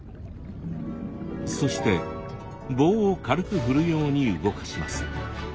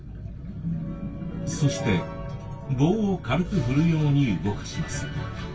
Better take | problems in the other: first | room echo; dies away in 0.1 s

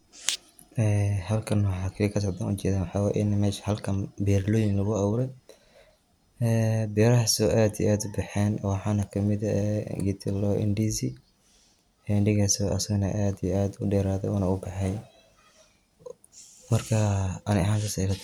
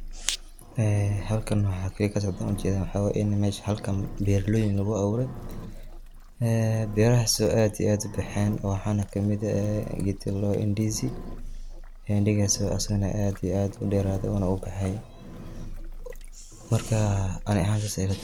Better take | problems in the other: first | background sound (Engine); 12 dB below the speech

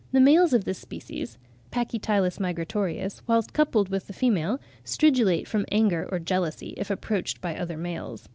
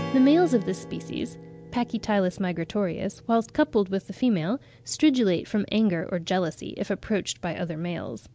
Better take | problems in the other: first | background sound (Strum); 17 dB below the speech

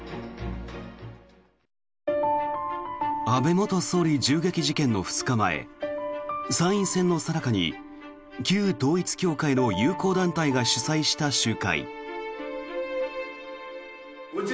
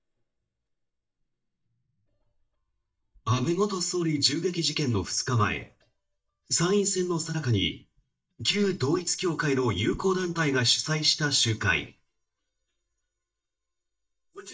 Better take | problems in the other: first | noise reduction (neural mask model DeepFilterNet 3)

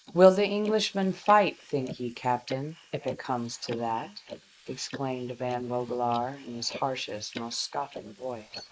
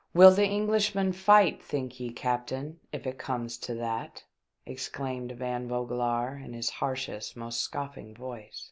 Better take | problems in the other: second | noise reduction (neural mask model Resemble Enhance denoiser)

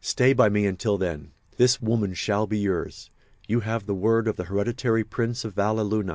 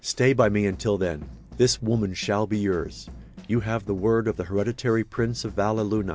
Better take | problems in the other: first | background sound (Drum / Drum kit); 18 dB below the speech

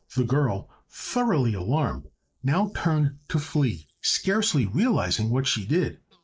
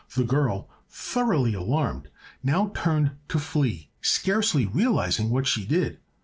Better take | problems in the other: second | noise reduction (neural mask model Resemble Enhance denoiser)

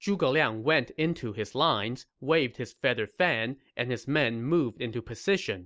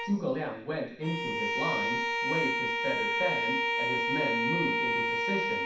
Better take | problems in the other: first | background sound (Bowed string instrument); 4 dB above the speech // room echo; dies away in 0.6 s

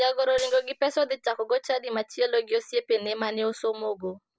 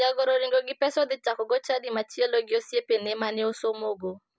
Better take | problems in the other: second | noise reduction (neural separator model SepFormer DNS4)

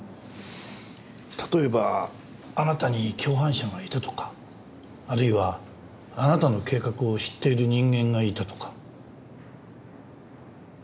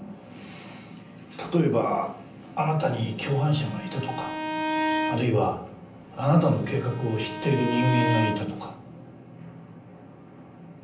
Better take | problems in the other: first | background sound (Bowed string instrument); 4 dB below the speech // room echo; dies away in 0.6 s

